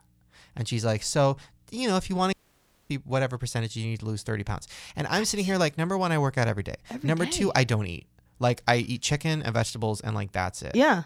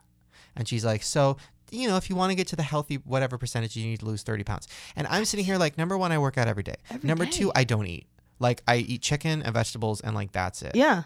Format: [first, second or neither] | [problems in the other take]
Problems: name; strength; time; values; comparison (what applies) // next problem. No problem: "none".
second | audio cutting out; at 2.5 s for 0.5 s